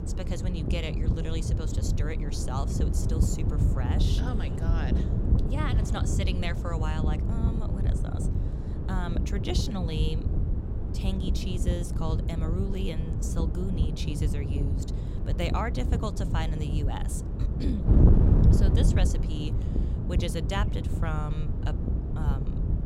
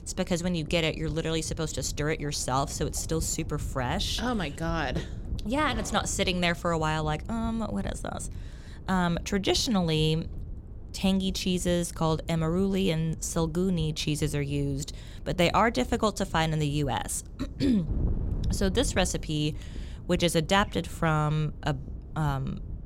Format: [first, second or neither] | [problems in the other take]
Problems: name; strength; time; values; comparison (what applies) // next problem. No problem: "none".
second | wind noise on the microphone; heavy; 2 dB below the speech; occasional gusts in the second